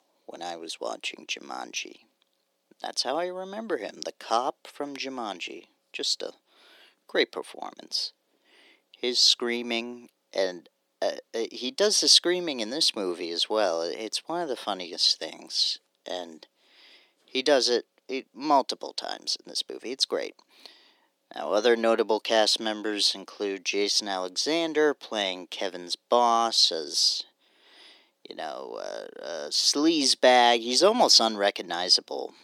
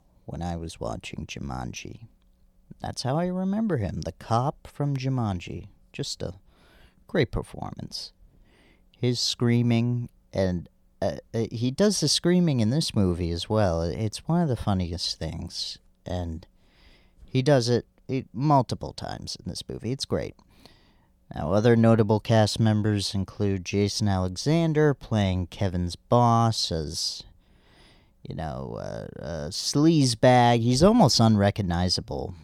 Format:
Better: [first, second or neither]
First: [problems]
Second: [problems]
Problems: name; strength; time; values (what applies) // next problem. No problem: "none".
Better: second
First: thin; somewhat; fading below 300 Hz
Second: none